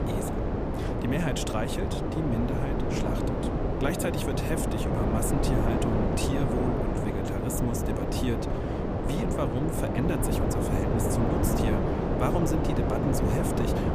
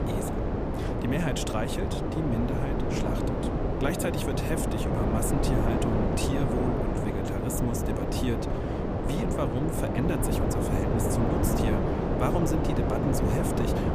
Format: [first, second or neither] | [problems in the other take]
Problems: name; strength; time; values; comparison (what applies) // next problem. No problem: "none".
neither | wind noise on the microphone; heavy; 4 dB above the speech; the same in both